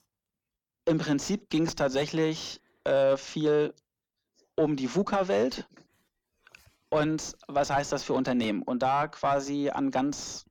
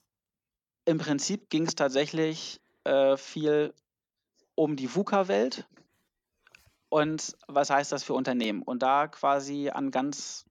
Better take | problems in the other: second | distortion; slight; 10 dB below the speech

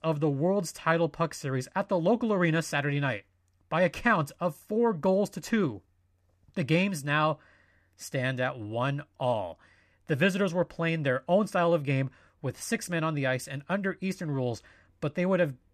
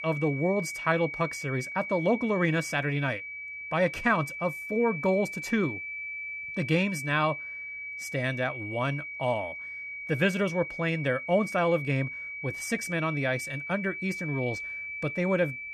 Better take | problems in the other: first | high-pitched whine; loud; throughout; 2.5 kHz, 7 dB below the speech

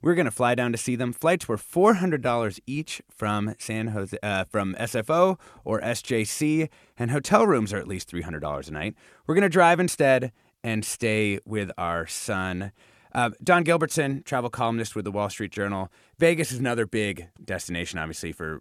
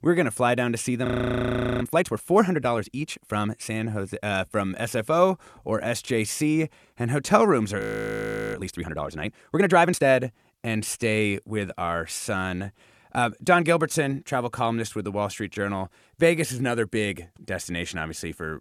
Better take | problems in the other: first | audio freezing; at 1 s for 1 s and at 8 s for 0.5 s

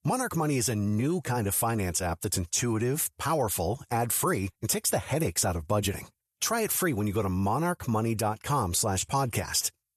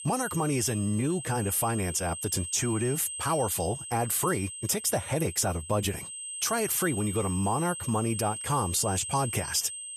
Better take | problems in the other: first | high-pitched whine; loud; throughout; 8.5 kHz, 7 dB below the speech

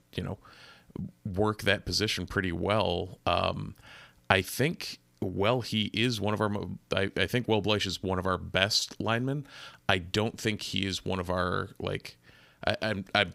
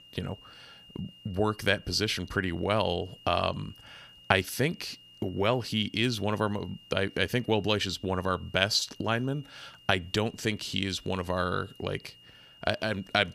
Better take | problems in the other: first | high-pitched whine; faint; throughout; 3 kHz, 25 dB below the speech

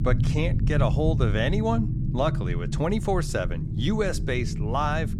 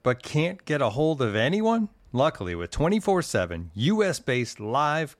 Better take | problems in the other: second | low rumble; noticeable; throughout; 10 dB below the speech

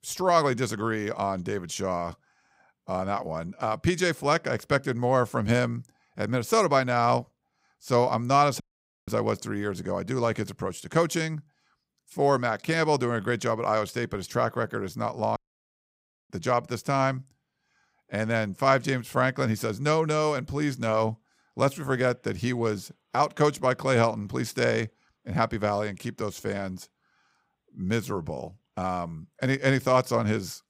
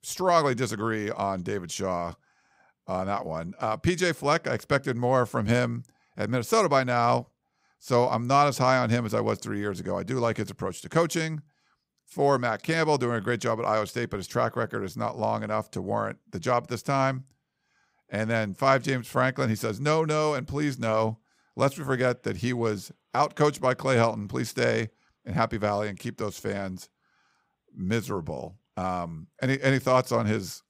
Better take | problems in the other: second | audio cutting out; at 8.5 s and at 15 s for 1 s

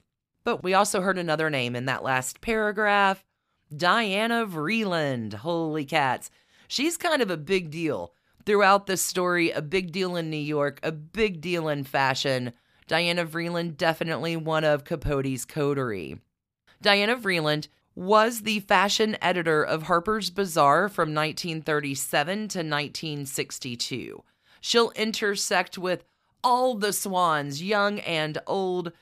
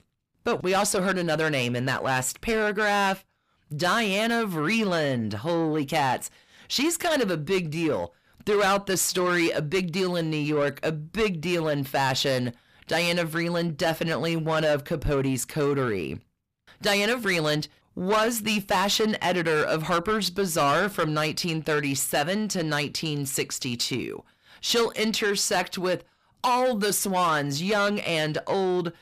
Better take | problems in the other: first | distortion; heavy; 7 dB below the speech

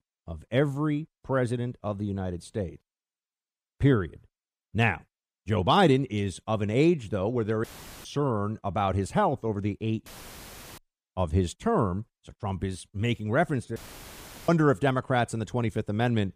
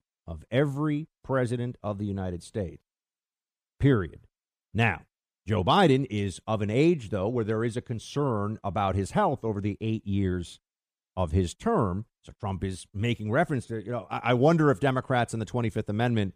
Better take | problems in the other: second | audio cutting out; filled with static; at 7.5 s, at 10 s for 0.5 s and at 14 s for 0.5 s

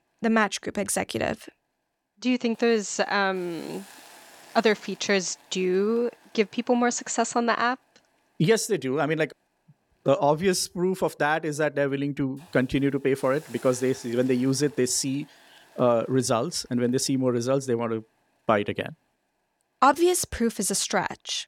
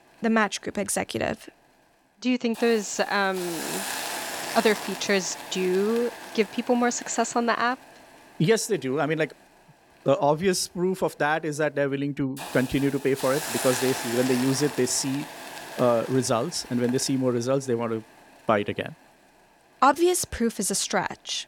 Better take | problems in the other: first | hiss; loud; throughout; 9 dB below the speech; faint in the first

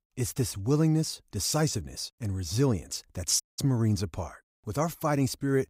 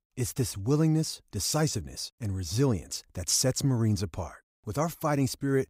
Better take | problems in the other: second | audio cutting out; at 3.5 s

